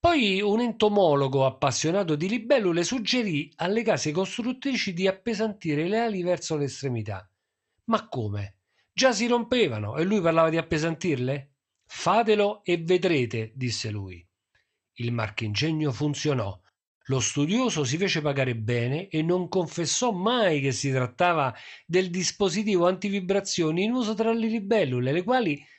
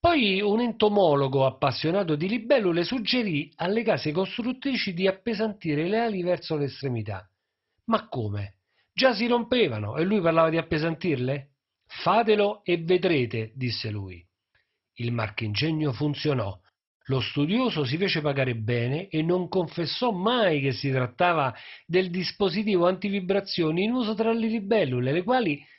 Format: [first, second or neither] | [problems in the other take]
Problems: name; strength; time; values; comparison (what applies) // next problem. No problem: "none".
first | garbled, watery; badly; nothing above 5.5 kHz; slightly in the first